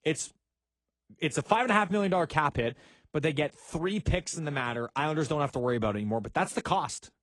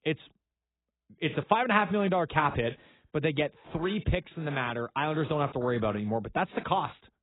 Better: first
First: garbled, watery; slightly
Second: garbled, watery; badly; nothing above 4 kHz

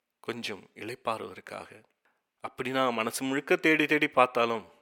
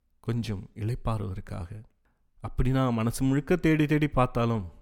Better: second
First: thin; somewhat; fading below 450 Hz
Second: none

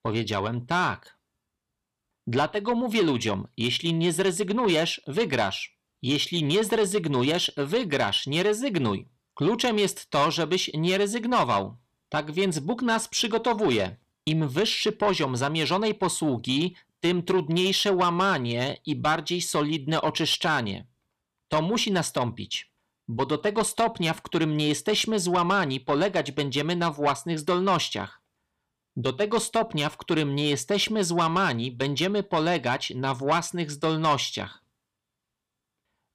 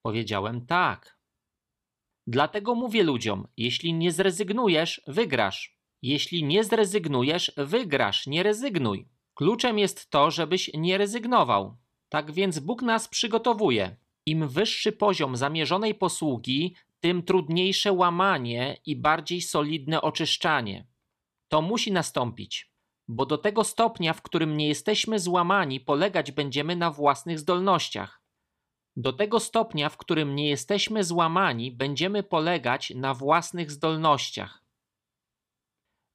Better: second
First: distortion; slight; 10 dB below the speech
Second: none

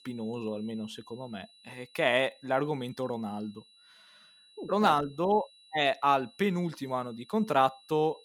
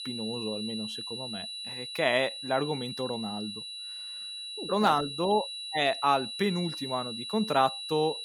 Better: first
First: high-pitched whine; faint; throughout; 4 kHz, 25 dB below the speech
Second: high-pitched whine; loud; throughout; 4 kHz, 7 dB below the speech

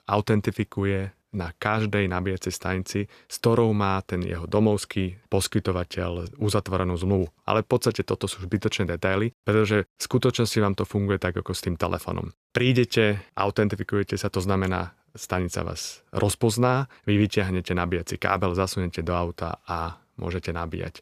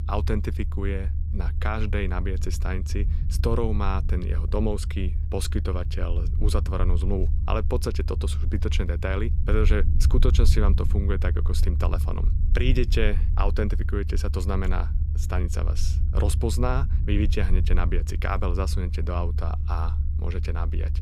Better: first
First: none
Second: low rumble; noticeable; throughout; 10 dB below the speech

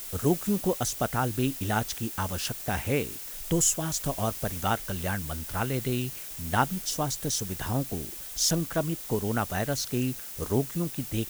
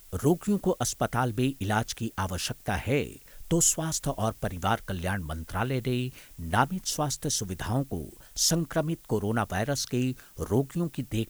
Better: second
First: hiss; loud; throughout; 7 dB below the speech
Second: hiss; faint; throughout; 20 dB below the speech

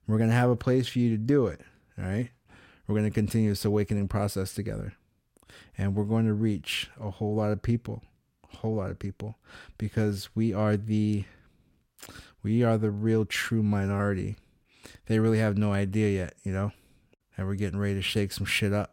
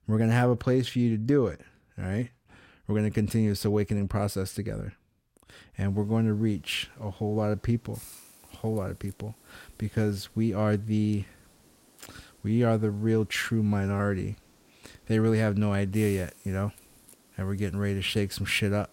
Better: first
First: none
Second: hiss; faint; from 6 s on; 25 dB below the speech

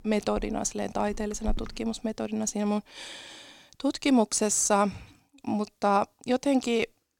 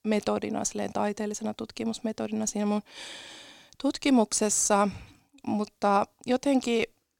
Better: second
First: household noises; noticeable; until 2 s; 15 dB below the speech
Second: none

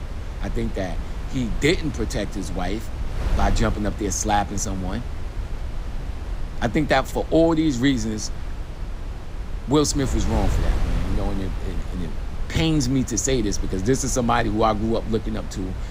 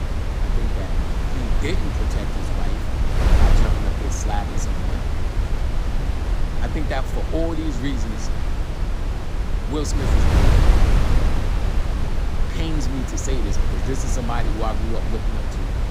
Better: first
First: wind noise on the microphone; occasional gusts; 15 dB below the speech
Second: wind noise on the microphone; heavy; 1 dB above the speech

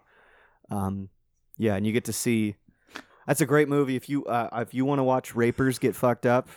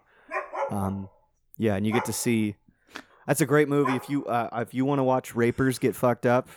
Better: first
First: none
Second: dog barking; noticeable; until 4 s; peak 5 dB below the speech

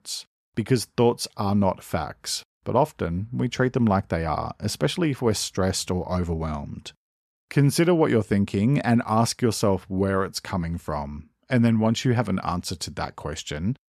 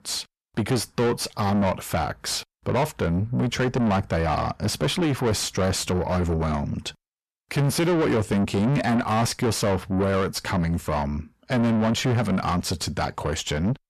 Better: first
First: none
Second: distortion; heavy; 6 dB below the speech

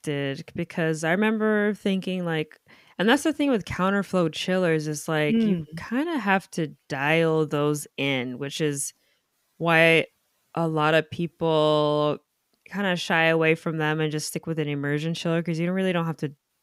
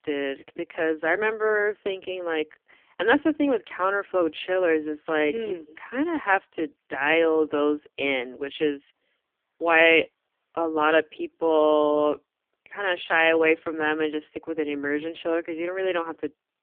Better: first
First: none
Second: phone-call audio; poor line; nothing above 3 kHz

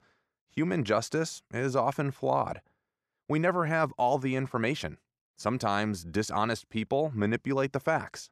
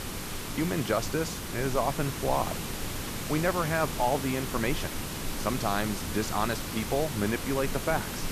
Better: first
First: none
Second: hiss; loud; throughout; 4 dB below the speech

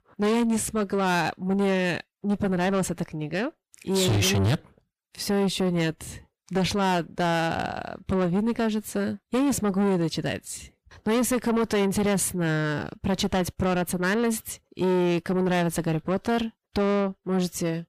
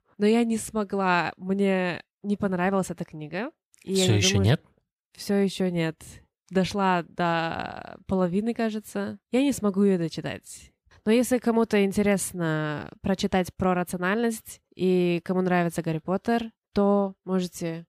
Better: second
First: distortion; heavy; 7 dB below the speech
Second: none

